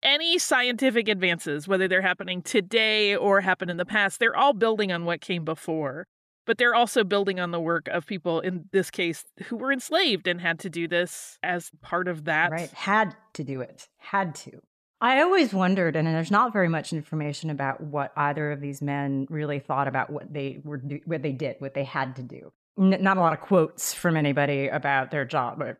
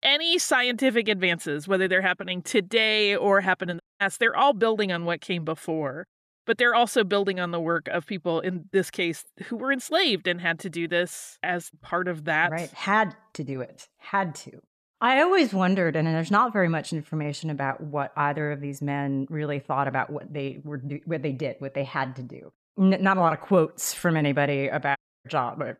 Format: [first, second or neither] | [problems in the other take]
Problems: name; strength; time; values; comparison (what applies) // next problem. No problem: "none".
first | audio cutting out; at 4 s and at 25 s